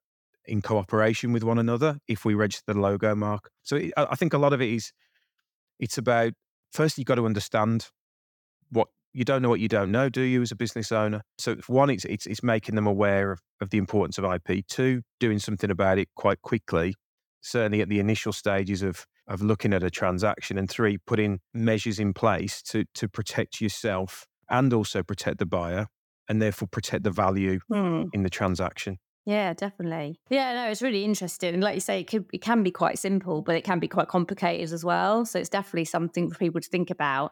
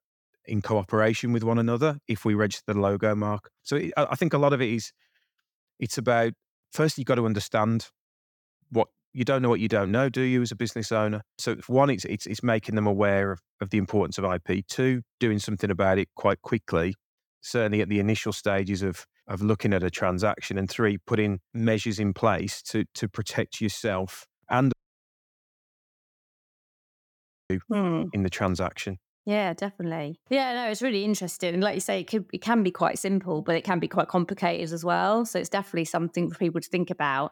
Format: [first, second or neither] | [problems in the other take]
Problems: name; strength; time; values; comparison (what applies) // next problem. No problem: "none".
first | audio cutting out; at 25 s for 3 s